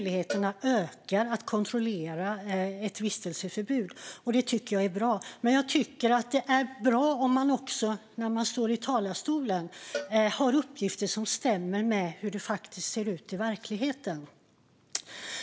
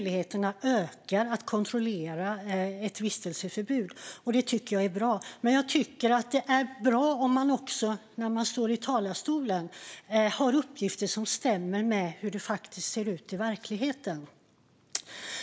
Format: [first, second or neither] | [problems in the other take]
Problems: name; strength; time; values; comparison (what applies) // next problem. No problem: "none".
second | background sound (Cowbell); 16 dB below the speech